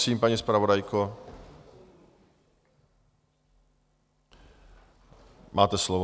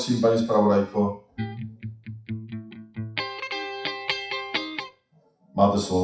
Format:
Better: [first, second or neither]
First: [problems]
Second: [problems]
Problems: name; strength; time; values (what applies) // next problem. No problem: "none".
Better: first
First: none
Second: noise reduction (classical method WPE with log-MMSE)